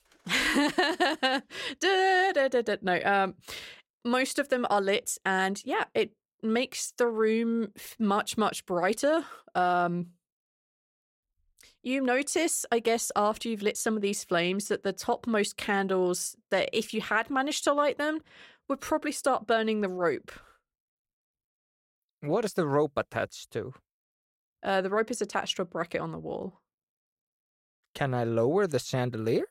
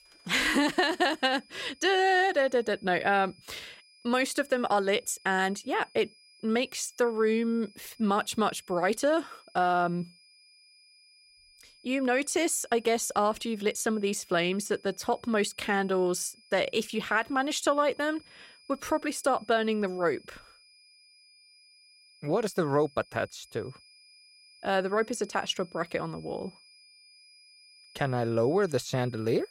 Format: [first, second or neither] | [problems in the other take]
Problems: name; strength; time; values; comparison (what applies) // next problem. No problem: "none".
first | high-pitched whine; faint; throughout; 5 kHz, 25 dB below the speech